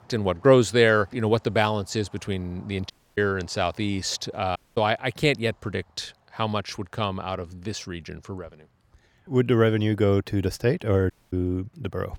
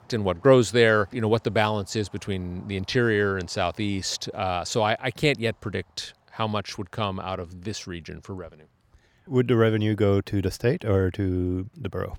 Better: second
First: audio cutting out; at 3 s, at 4.5 s and at 11 s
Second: none

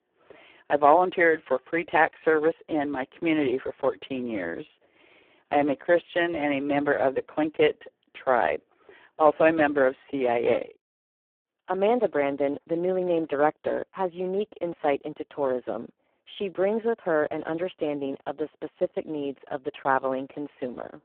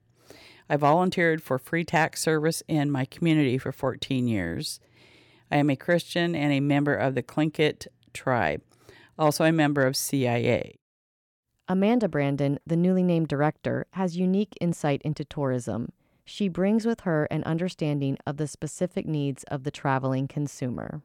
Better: second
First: phone-call audio; poor line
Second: none

